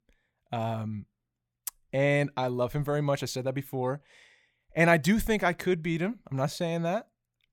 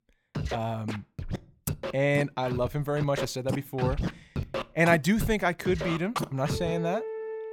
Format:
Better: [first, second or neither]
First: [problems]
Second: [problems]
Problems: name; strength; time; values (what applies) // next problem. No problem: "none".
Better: first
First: none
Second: background music; loud; throughout; 7 dB below the speech